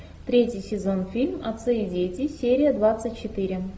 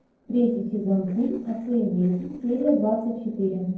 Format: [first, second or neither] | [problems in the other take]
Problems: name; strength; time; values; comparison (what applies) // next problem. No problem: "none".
first | noise reduction (neural separator model SepFormer DNS4)